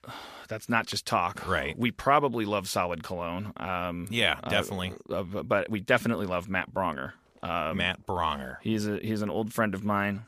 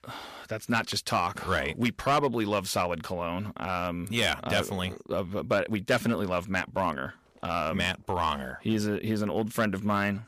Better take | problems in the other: first | distortion; slight; 2% of the sound clipped

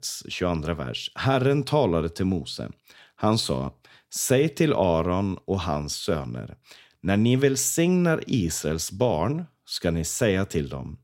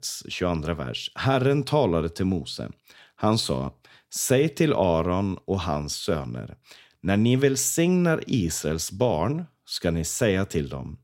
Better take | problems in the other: neither | none

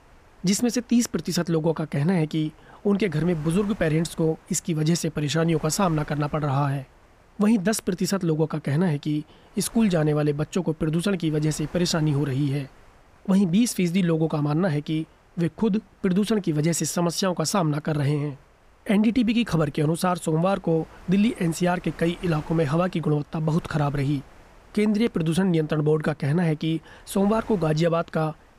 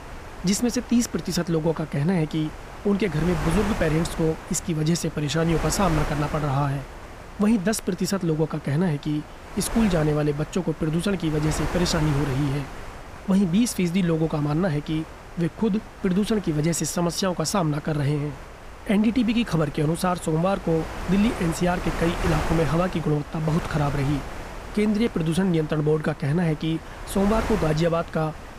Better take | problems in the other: first | wind noise on the microphone; heavy; 8 dB below the speech; occasional gusts in the first

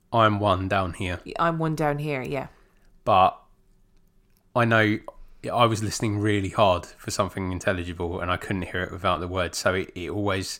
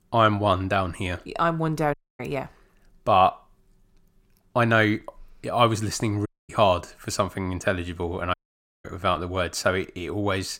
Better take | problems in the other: first | audio cutting out; at 2 s, at 6.5 s and at 8.5 s for 0.5 s

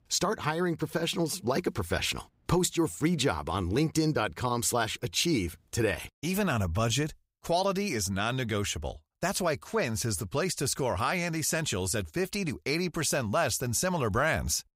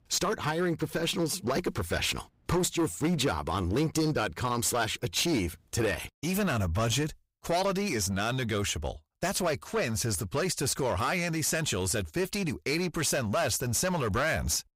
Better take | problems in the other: first | distortion; slight; 11% of the sound clipped

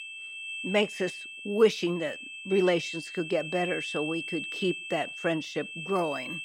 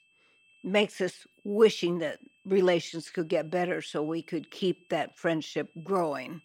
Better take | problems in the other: second | high-pitched whine; loud; throughout; 2.5 kHz, 7 dB below the speech; faint in the second

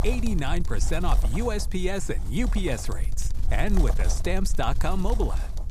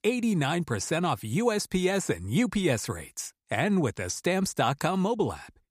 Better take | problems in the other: second | wind noise on the microphone; occasional gusts; 10 dB below the speech

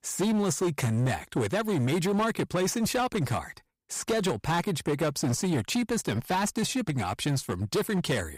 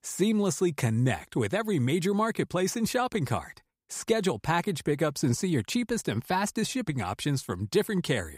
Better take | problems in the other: second | distortion; slight; 16% of the sound clipped

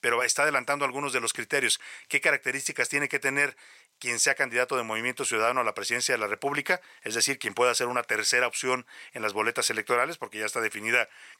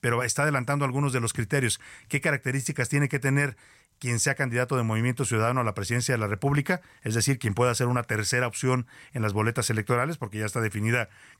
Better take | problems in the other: second | thin; very; fading below 500 Hz

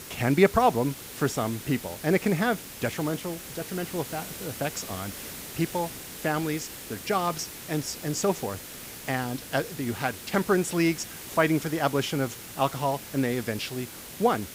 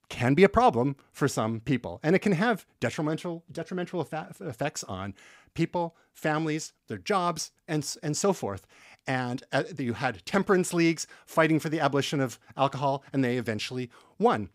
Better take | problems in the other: second | hiss; noticeable; throughout; 10 dB below the speech

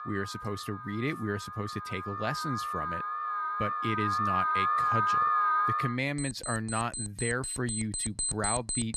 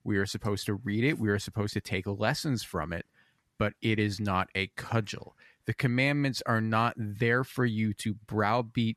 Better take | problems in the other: second | alarms or sirens; very loud; throughout; 4 dB above the speech

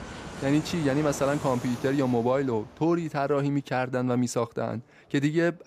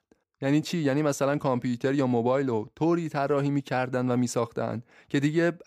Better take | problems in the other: second | train or aircraft noise; noticeable; throughout; 15 dB below the speech

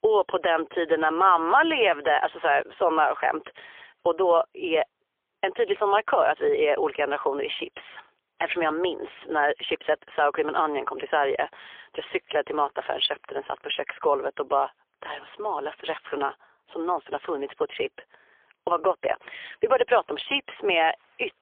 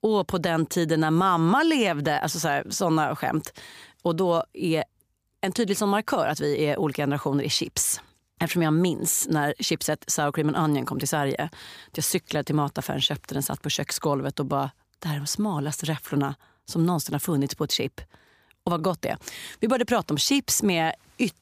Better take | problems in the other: second | phone-call audio; poor line; nothing above 3.5 kHz

